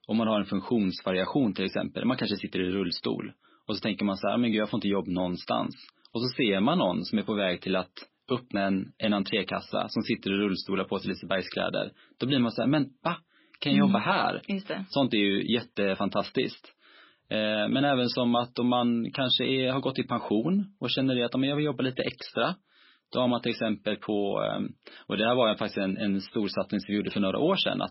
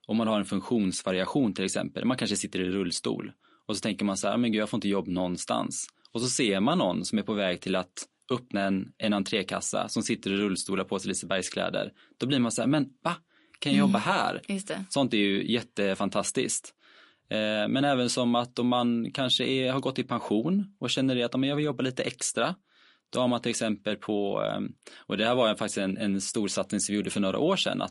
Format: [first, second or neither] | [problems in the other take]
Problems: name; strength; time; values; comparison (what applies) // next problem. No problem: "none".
second | garbled, watery; badly; nothing above 5.5 kHz; slightly in the second